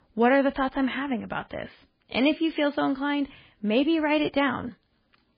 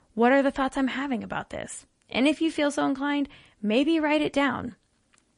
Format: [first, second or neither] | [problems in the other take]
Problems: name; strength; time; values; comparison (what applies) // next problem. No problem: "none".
second | garbled, watery; badly; nothing above 5 kHz; slightly in the second